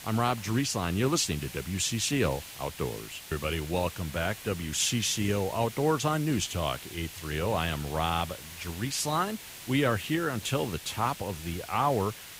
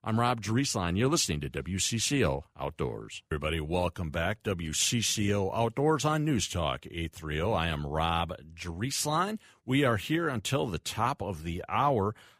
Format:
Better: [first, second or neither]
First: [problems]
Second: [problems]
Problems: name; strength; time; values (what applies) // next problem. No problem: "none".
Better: second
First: hiss; noticeable; throughout; 15 dB below the speech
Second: none